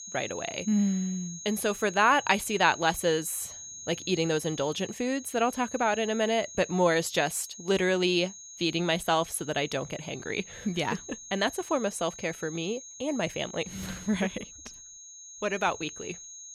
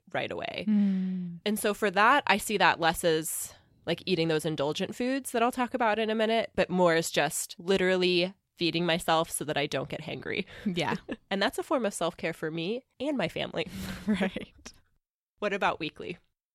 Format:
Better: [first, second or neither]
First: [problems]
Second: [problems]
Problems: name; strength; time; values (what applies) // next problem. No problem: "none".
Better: second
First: high-pitched whine; noticeable; throughout; 6.5 kHz, 15 dB below the speech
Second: none